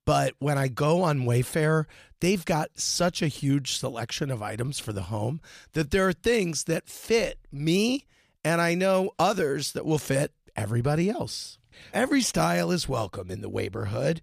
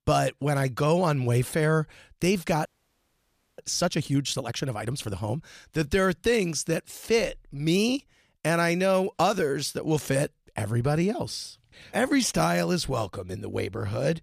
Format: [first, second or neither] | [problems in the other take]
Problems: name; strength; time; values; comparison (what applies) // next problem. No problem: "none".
first | audio freezing; at 2.5 s for 1 s